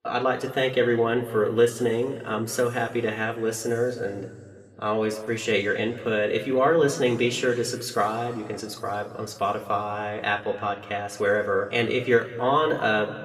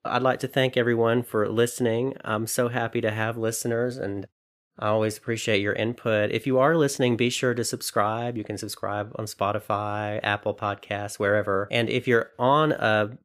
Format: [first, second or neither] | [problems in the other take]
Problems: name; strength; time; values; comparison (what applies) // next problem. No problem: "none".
second | room echo; slight; dies away in 1.8 s // off-mic speech; somewhat distant